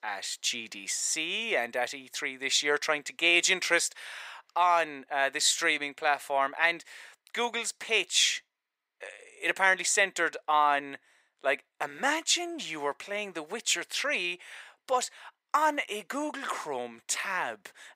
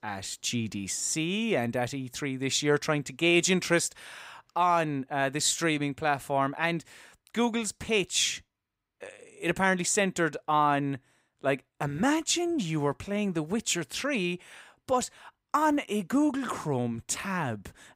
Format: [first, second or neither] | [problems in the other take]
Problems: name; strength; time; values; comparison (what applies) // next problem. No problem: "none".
second | thin; very; fading below 600 Hz